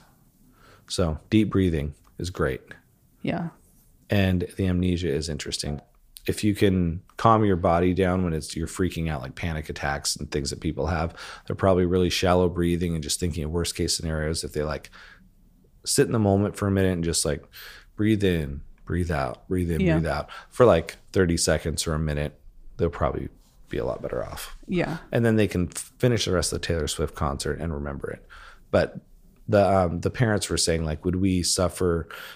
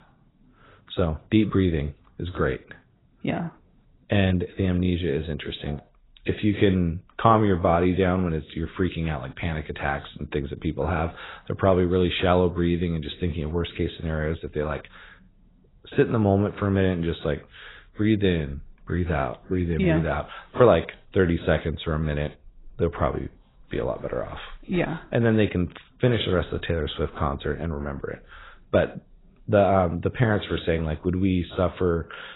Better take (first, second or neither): first